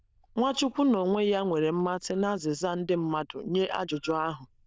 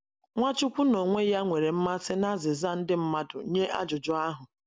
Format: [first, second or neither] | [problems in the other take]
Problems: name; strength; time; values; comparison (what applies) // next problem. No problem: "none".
second | noise reduction (neural diffusion model UNIVERSE++)